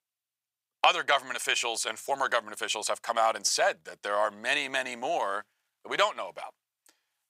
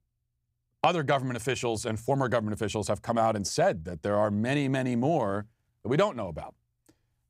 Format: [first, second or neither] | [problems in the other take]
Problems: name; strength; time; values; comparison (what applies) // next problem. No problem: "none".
second | thin; very; fading below 950 Hz